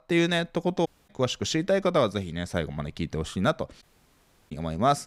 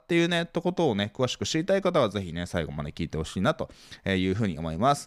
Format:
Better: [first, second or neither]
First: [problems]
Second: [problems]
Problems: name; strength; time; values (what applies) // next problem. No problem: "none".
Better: second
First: audio cutting out; at 1 s and at 4 s for 0.5 s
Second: none